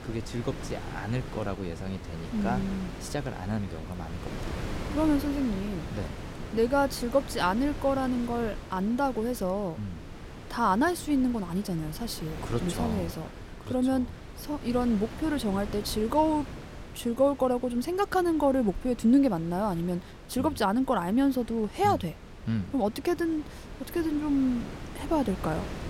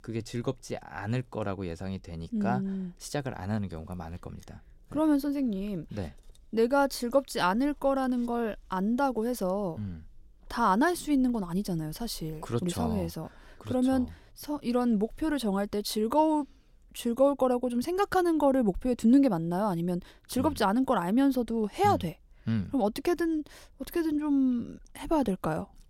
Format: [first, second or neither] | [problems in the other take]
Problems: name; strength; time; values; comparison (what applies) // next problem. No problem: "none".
second | wind noise on the microphone; occasional gusts; 15 dB below the speech